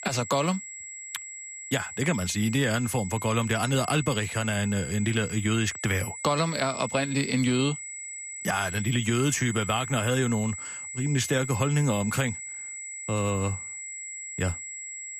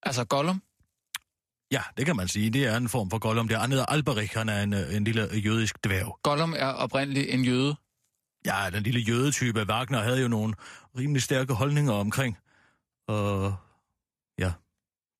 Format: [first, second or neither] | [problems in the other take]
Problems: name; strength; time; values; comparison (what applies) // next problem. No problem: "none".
second | high-pitched whine; loud; throughout; 8 kHz, 9 dB below the speech